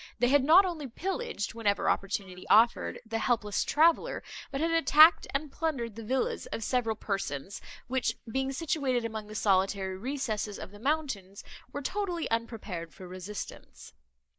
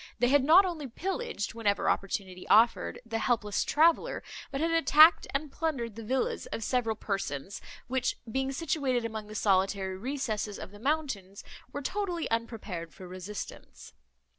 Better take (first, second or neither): second